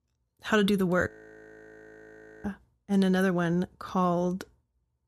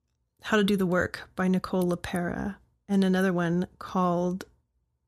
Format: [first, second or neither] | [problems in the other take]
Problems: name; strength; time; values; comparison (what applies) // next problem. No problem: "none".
second | audio freezing; at 1 s for 1.5 s